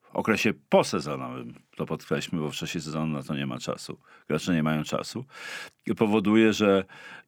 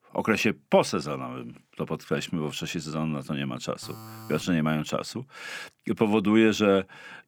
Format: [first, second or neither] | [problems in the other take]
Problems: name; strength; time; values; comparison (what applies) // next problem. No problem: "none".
first | alarm; faint; at 4 s; peak 15 dB below the speech